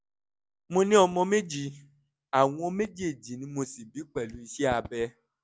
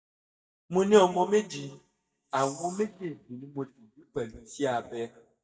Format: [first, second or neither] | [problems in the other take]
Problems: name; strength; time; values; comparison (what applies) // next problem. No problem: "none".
first | noise reduction (neural mask model DeepFilterNet 3)